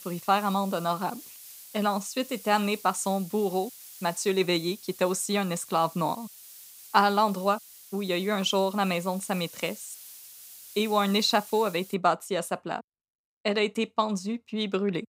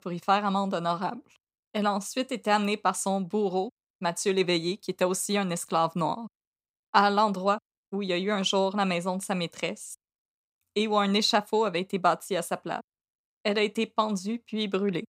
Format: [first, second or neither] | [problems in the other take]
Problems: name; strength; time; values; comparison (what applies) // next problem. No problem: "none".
second | hiss; noticeable; until 12 s; 15 dB below the speech